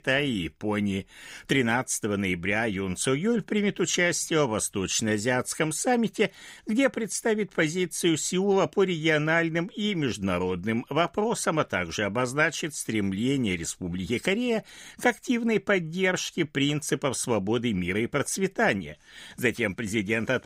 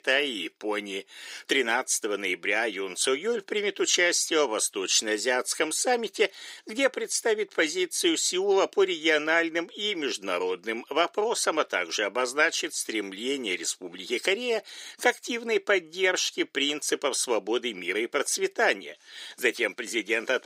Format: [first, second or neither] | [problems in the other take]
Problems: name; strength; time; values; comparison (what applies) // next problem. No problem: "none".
first | thin; somewhat; fading below 350 Hz